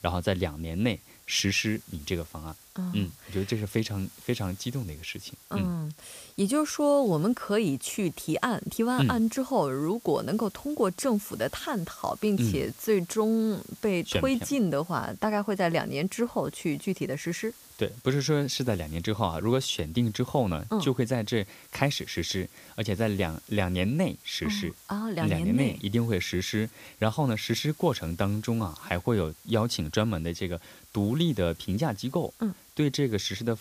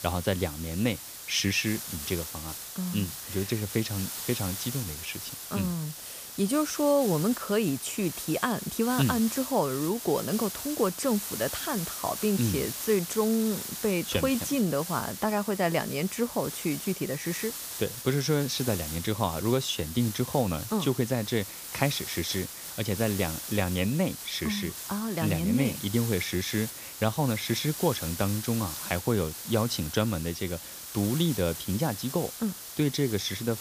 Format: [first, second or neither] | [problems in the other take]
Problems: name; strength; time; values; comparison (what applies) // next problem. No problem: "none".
first | hiss; loud; throughout; 7 dB below the speech; faint in the first